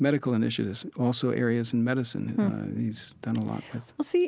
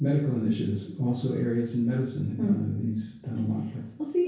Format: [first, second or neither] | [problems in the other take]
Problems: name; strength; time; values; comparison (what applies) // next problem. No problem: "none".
first | room echo; dies away in 0.6 s